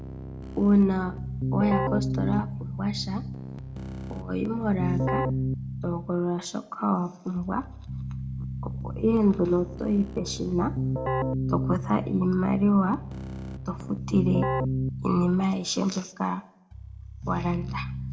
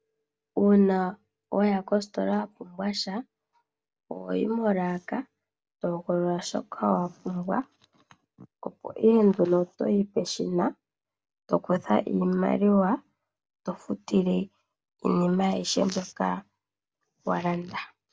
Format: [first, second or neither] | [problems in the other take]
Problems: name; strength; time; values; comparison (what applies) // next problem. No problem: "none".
second | background sound (Keyboard (musical)); 4 dB below the speech // room echo; dies away in 0.5 s